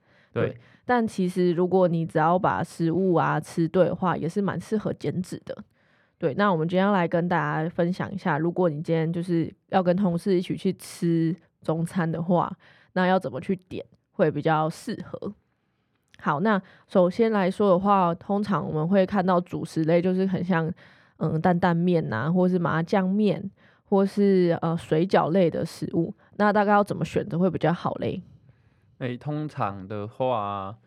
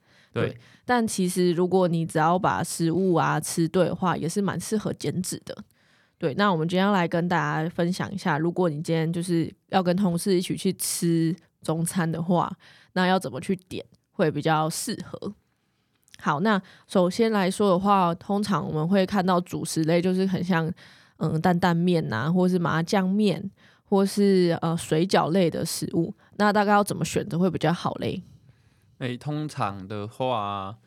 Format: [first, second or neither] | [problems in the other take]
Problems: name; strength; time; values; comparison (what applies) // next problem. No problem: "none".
second | muffled; slightly; fading above 4 kHz